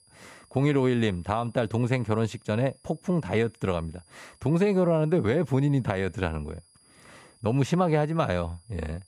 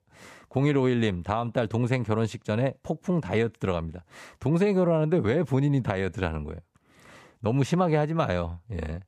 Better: second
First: high-pitched whine; faint; throughout; 10.5 kHz, 30 dB below the speech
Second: none

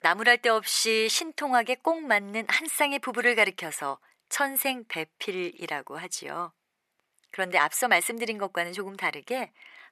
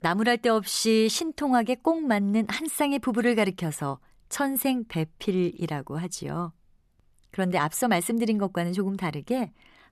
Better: second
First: thin; very; fading below 550 Hz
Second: none

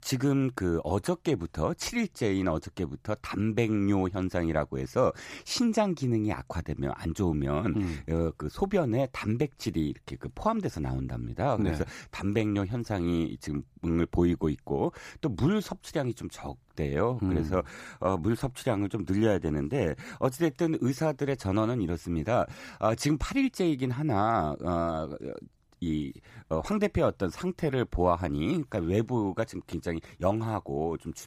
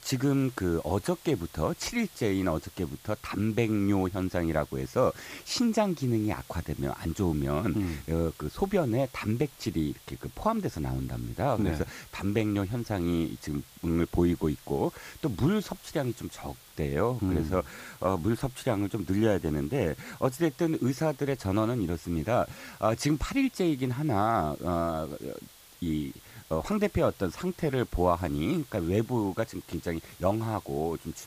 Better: first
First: none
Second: hiss; faint; throughout; 20 dB below the speech

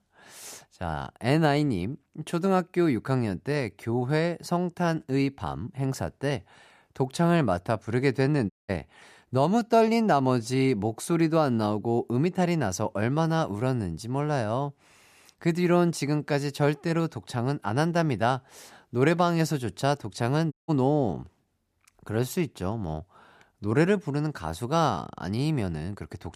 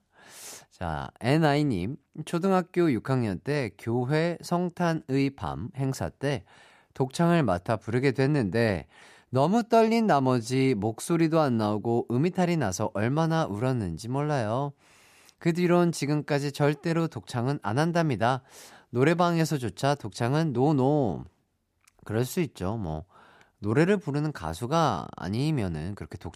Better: second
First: audio cutting out; at 8.5 s and at 21 s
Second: none

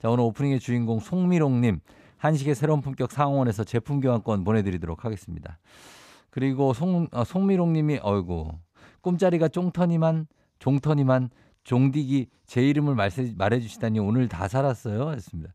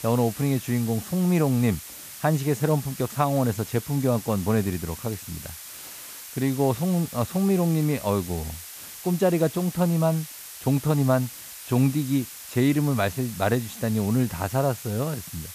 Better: first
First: none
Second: hiss; noticeable; throughout; 15 dB below the speech

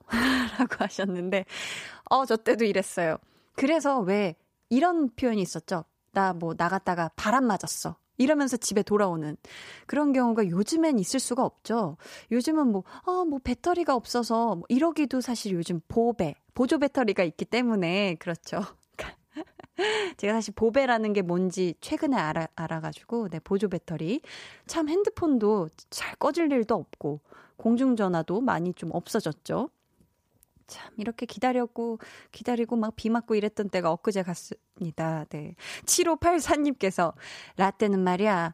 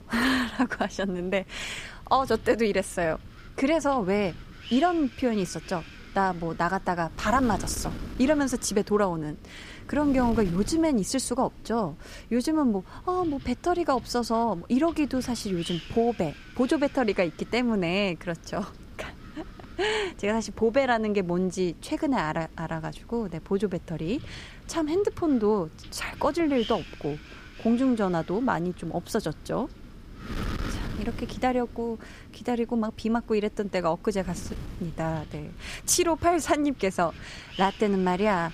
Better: first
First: none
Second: wind noise on the microphone; occasional gusts; 20 dB below the speech

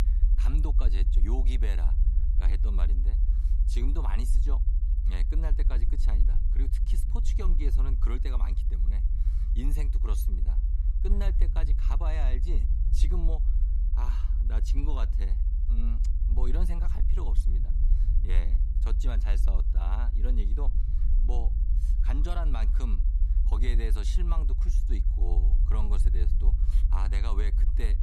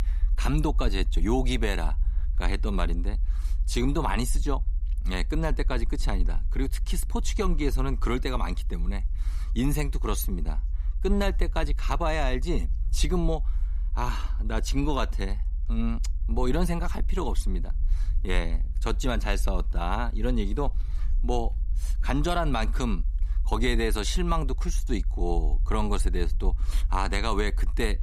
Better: second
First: low rumble; loud; throughout; 6 dB below the speech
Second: low rumble; faint; throughout; 20 dB below the speech

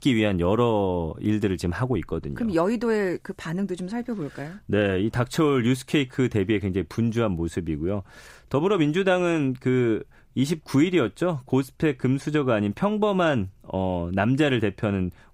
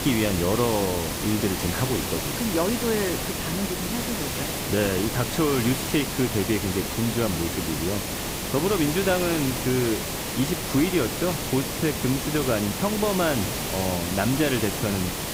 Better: first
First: none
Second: hiss; loud; throughout; 2 dB below the speech

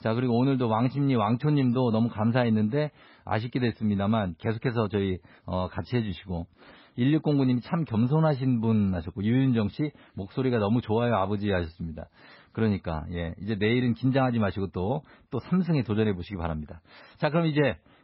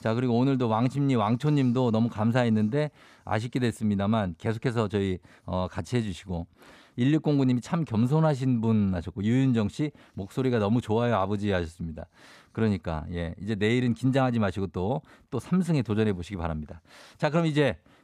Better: second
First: garbled, watery; badly; nothing above 5.5 kHz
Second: none

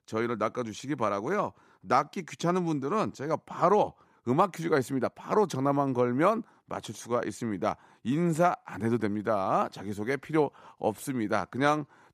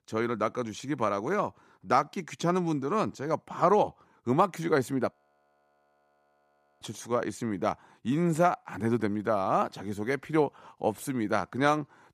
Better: first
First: none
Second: audio freezing; at 5 s for 1.5 s

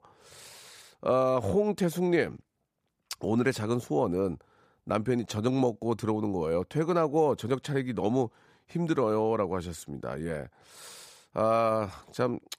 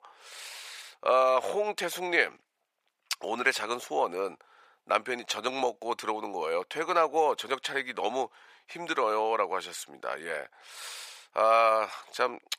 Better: first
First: none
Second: thin; very; fading below 750 Hz

